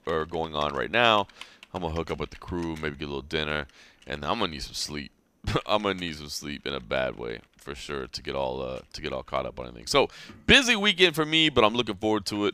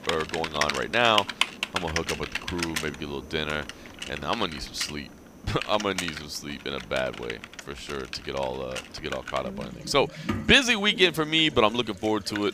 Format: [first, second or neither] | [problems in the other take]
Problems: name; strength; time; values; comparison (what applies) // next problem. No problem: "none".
first | household noises; loud; throughout; 7 dB below the speech; faint in the first